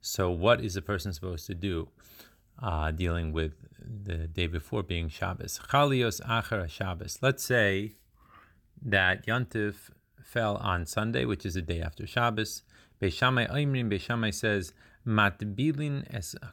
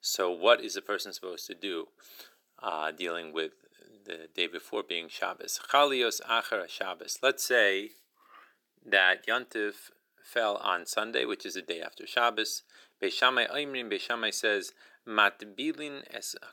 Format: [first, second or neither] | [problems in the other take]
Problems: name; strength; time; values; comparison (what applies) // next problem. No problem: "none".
first | thin; very; fading below 350 Hz